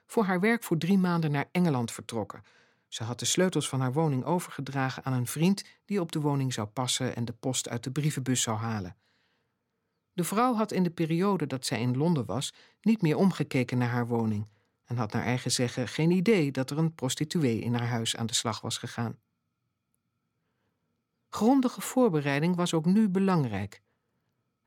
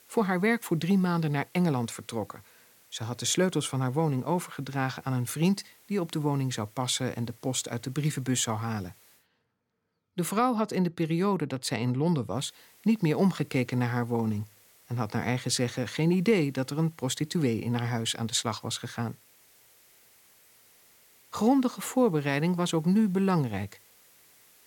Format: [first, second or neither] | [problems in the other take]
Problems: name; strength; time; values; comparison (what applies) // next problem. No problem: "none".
first | hiss; faint; until 9 s and from 12 s on; 30 dB below the speech